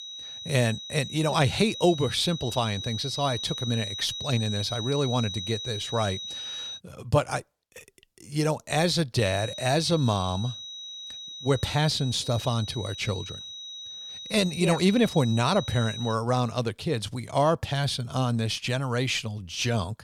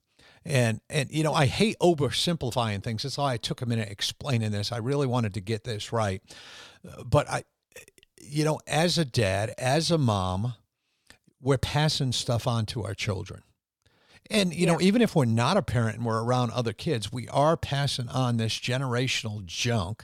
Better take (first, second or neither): second